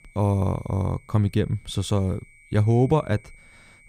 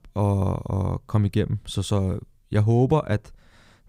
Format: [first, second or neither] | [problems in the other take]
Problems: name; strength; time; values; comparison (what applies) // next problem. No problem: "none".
second | high-pitched whine; faint; throughout; 2.5 kHz, 30 dB below the speech